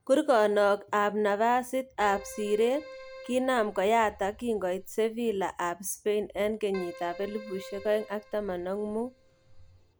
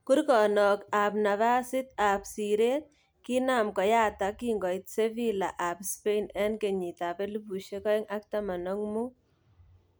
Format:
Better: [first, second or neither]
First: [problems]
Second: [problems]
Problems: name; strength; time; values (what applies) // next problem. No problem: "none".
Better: second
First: background sound (Keyboard (musical)); 18 dB below the speech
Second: none